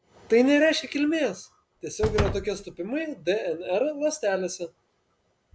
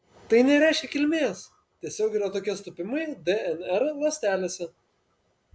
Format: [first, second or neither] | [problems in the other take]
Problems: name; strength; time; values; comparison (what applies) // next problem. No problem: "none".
second | background sound (Slam); 7 dB below the speech